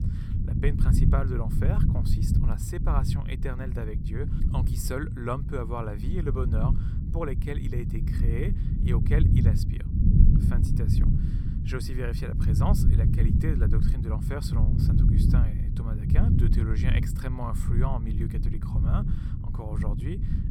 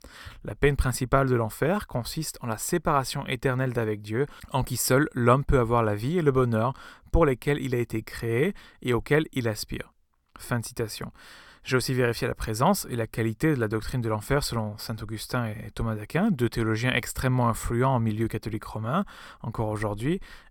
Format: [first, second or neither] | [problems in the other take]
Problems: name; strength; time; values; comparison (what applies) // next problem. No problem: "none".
second | low rumble; loud; throughout; 1 dB below the speech